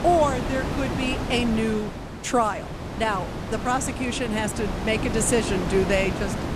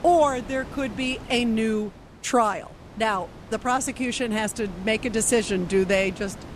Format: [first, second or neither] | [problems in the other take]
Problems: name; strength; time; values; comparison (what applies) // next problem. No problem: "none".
second | wind noise on the microphone; heavy; 7 dB below the speech; occasional gusts in the second